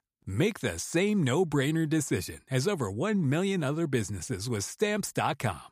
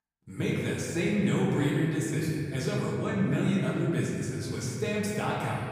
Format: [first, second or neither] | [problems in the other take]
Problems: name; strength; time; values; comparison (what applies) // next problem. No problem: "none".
first | room echo; noticeable; dies away in 2.5 s // off-mic speech; far